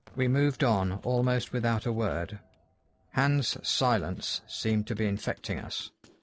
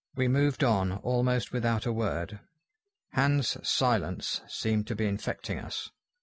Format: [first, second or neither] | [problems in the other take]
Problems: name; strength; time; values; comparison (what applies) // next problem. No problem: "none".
second | noise reduction (neural separator model SepFormer DNS4)